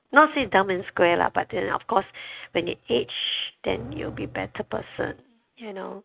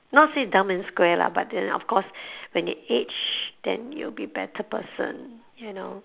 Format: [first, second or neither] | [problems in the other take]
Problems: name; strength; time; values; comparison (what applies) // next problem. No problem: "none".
second | noise reduction (neural mask model RNNoise)